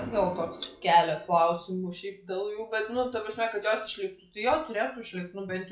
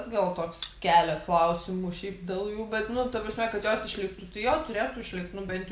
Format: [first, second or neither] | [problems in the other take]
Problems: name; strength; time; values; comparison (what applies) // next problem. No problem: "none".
second | noise reduction (classical method log-MMSE)